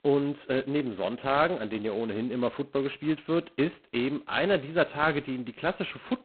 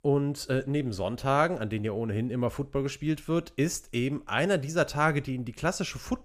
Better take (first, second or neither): second